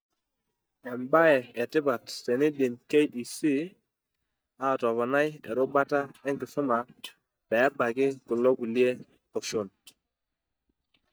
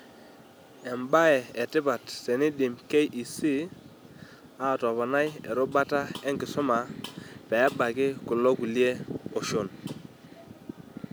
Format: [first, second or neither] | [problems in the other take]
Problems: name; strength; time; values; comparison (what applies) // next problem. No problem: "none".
second | noise reduction (neural mask model DeepFilterNet 3)